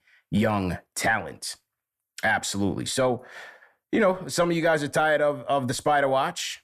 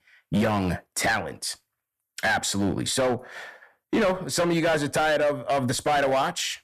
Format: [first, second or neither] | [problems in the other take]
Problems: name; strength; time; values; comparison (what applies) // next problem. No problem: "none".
first | distortion; slight; 12% of the sound clipped